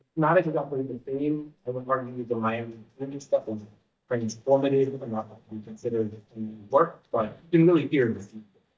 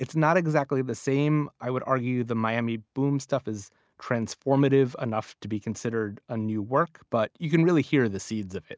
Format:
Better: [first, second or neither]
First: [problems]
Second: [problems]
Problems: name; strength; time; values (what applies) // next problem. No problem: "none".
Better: second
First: noise reduction (neural mask model DeepFilterNet 3)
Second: none